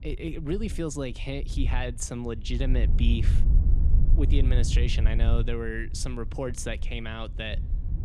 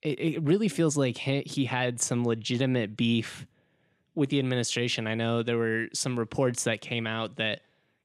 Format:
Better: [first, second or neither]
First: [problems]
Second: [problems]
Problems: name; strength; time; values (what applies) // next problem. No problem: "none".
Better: second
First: wind noise on the microphone; occasional gusts; 10 dB below the speech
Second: none